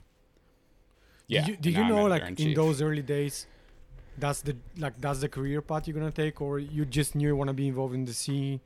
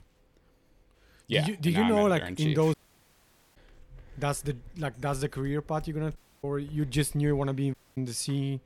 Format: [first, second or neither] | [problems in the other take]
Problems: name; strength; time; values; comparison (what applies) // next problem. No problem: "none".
first | audio cutting out; at 2.5 s for 1 s, at 6 s and at 7.5 s